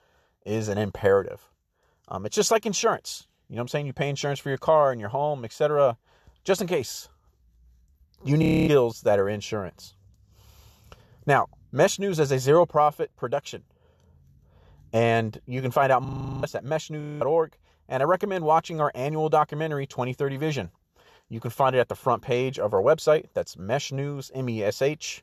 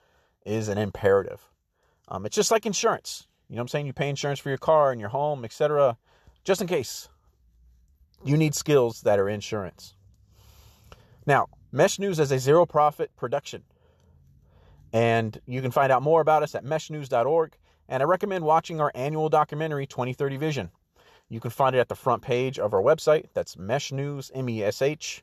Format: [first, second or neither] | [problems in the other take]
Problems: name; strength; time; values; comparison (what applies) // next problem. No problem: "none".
second | audio freezing; at 8.5 s, at 16 s and at 17 s